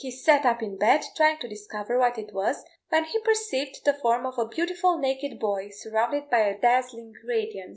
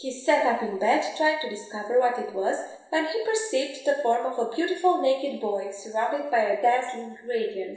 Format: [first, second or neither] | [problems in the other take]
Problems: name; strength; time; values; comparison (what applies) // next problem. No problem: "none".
first | room echo; dies away in 0.8 s